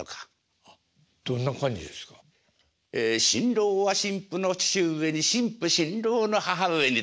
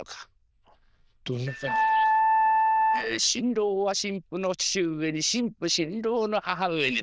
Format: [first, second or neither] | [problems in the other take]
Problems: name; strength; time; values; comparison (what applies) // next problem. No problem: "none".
first | noise reduction (neural diffusion model UNIVERSE++)